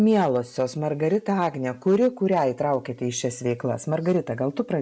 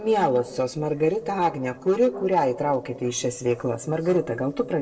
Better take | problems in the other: first | noise reduction (neural separator model SepFormer DNS4)

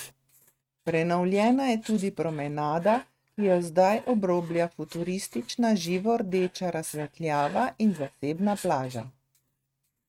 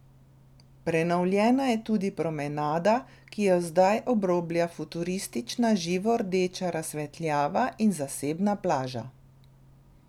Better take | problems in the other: second | noise reduction (neural mask model RNNoise)

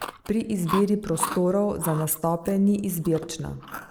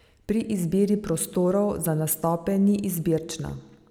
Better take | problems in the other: second | noise reduction (neural mask model Resemble Enhance denoiser)

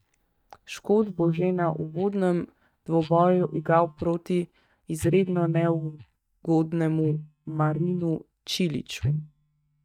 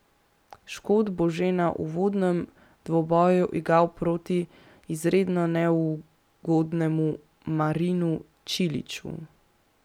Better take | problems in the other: second | noise reduction (neural mask model DeepFilterNet 3)

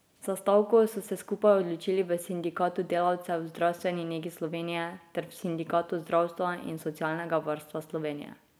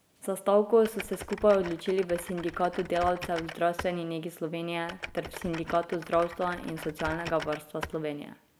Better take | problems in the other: first | background sound (Typing); 13 dB below the speech

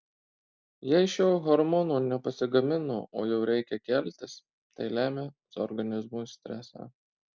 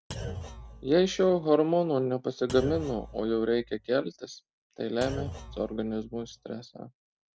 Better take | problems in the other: first | background sound (Thump, thud); 13 dB below the speech

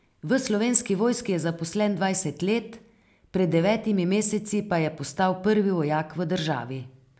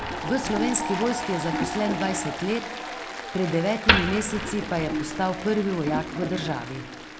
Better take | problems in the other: first | background sound (Wood + Applause); 2 dB below the speech

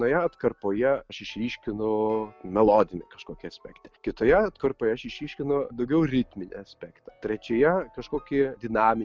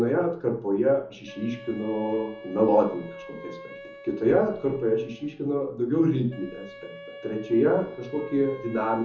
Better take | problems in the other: first | background sound (Wind instrument, woodwind instrument); 18 dB below the speech // room echo; dies away in 0.6 s

